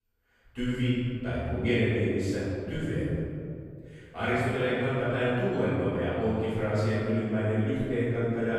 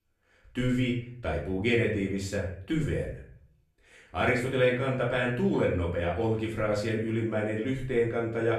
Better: second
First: room echo; strong; dies away in 2.4 s // off-mic speech; far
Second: room echo; slight; dies away in 0.5 s // off-mic speech; far

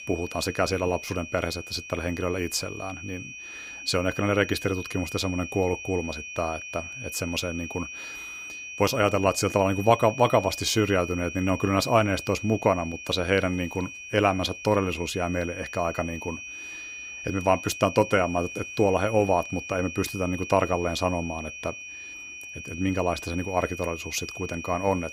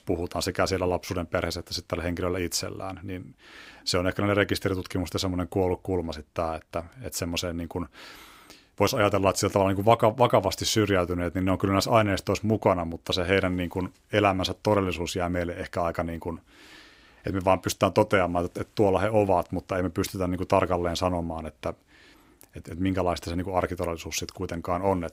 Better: second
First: high-pitched whine; noticeable; throughout; 2.5 kHz, 10 dB below the speech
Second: none

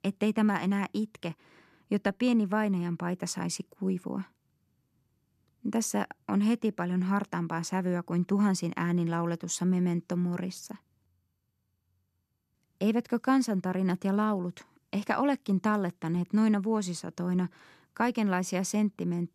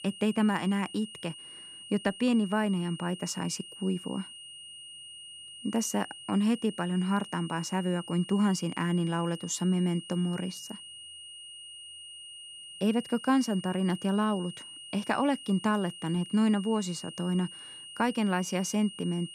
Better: first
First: none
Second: high-pitched whine; noticeable; throughout; 3 kHz, 15 dB below the speech

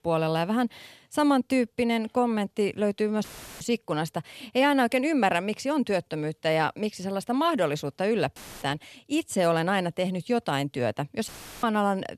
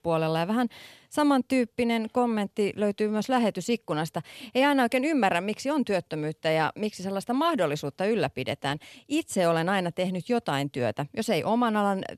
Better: second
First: audio cutting out; filled with static; at 3 s, at 8.5 s and at 11 s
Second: none

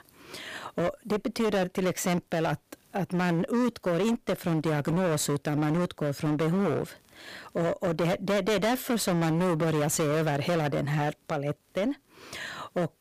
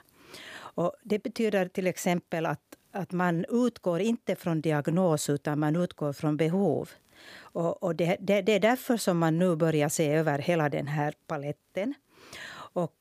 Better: second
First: distortion; heavy; 22% of the sound clipped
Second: none

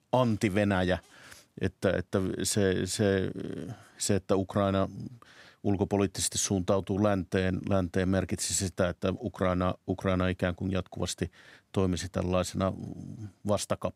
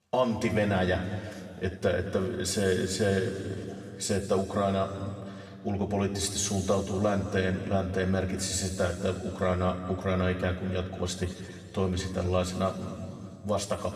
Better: first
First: none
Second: room echo; noticeable; dies away in 2.3 s // off-mic speech; somewhat distant

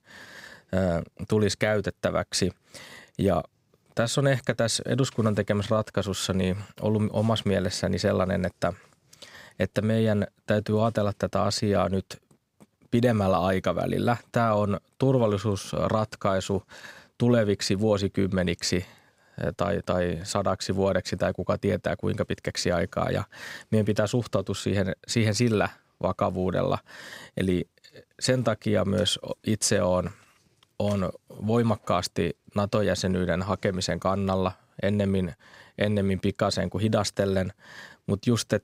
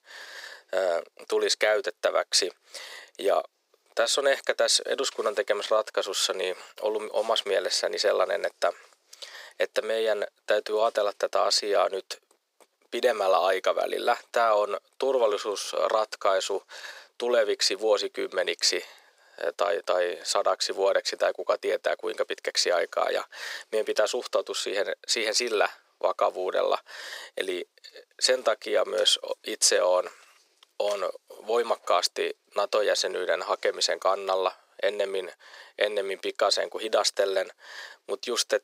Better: first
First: none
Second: thin; very; fading below 400 Hz

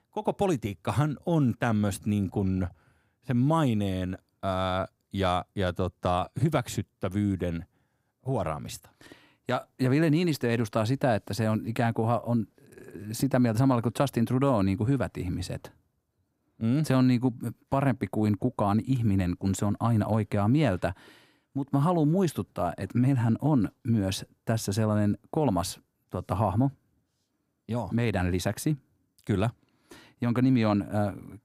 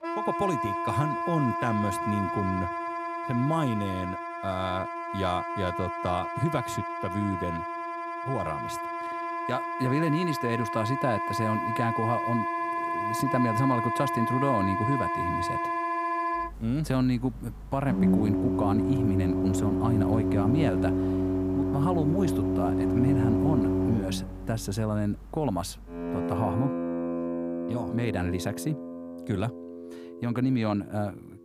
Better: first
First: none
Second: background music; very loud; throughout; as loud as the speech

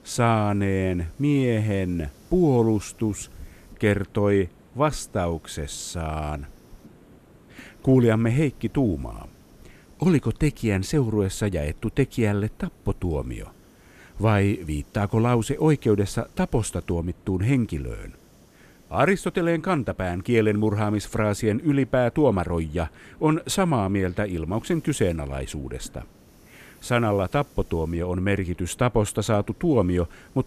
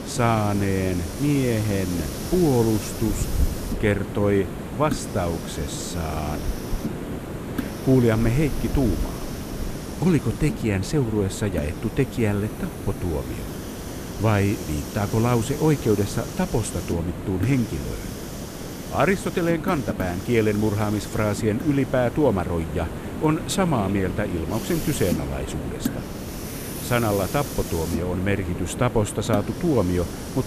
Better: first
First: hiss; faint; throughout; 25 dB below the speech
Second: hiss; loud; throughout; 7 dB below the speech

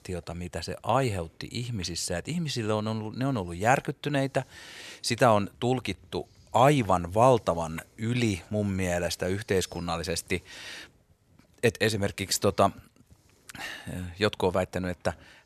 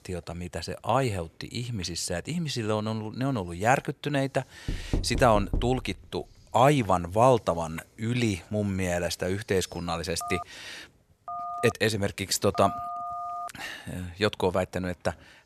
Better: first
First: none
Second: door banging; noticeable; from 4.5 to 6 s; peak 4 dB below the speech // phone ringing; noticeable; from 10 to 13 s; peak 6 dB below the speech

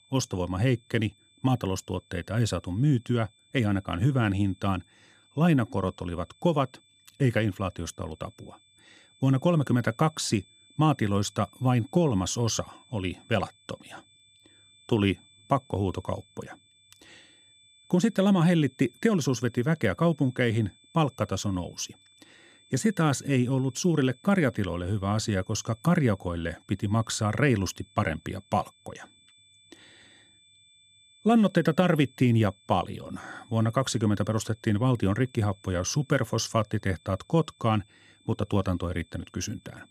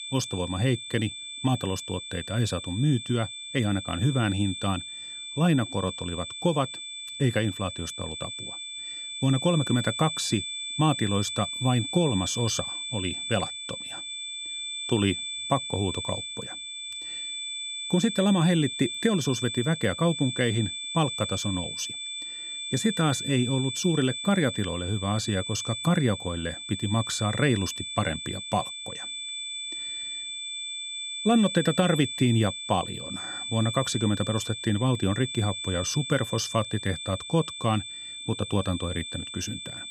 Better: first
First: high-pitched whine; faint; throughout; 3.5 kHz, 30 dB below the speech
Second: high-pitched whine; loud; throughout; 3.5 kHz, 6 dB below the speech

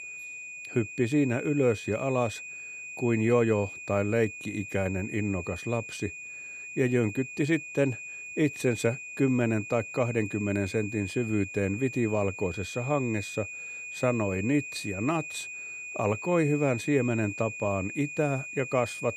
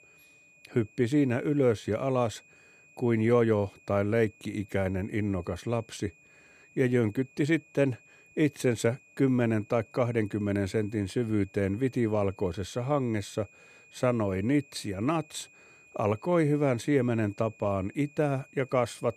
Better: second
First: high-pitched whine; loud; throughout; 2.5 kHz, 9 dB below the speech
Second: high-pitched whine; faint; throughout; 2.5 kHz, 25 dB below the speech

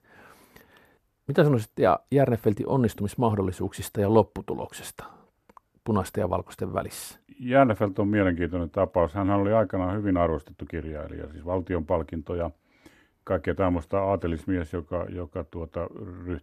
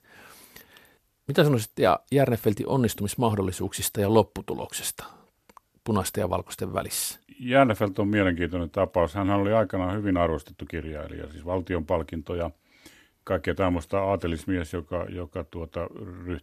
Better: second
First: muffled; slightly; fading above 2 kHz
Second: none

